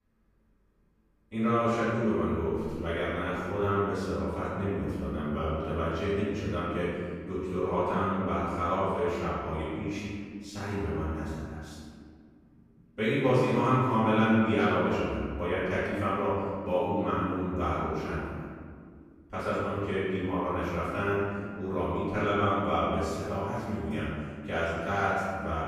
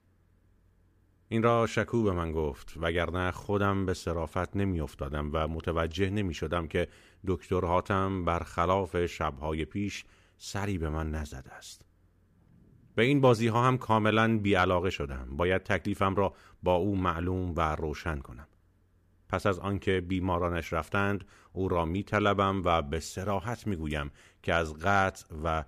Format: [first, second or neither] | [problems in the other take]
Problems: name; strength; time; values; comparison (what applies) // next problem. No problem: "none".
second | off-mic speech; far // room echo; strong; dies away in 2 s